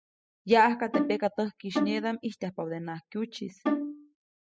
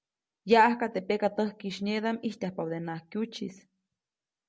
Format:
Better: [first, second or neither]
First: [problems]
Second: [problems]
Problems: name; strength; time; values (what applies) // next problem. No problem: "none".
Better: second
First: noise reduction (classical method spectral subtraction)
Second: none